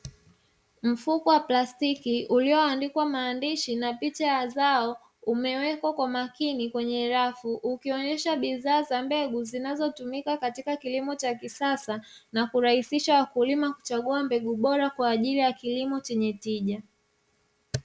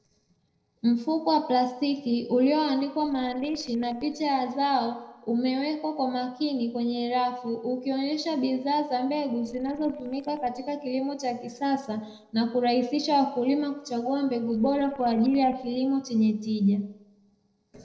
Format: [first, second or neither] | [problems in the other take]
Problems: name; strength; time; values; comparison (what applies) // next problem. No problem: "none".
first | noise reduction (neural separator model SepFormer DNS4)